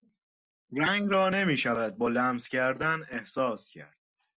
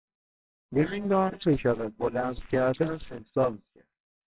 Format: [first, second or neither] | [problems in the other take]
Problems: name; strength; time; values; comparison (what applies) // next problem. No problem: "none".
first | noise reduction (neural separator model SepFormer WHAMR!)